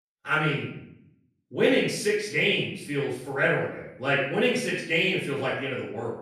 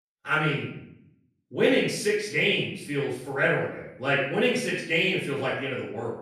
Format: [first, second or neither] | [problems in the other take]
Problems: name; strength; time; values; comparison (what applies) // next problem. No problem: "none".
neither | off-mic speech; far; the same in both // room echo; noticeable; dies away in 0.6 s; the same in both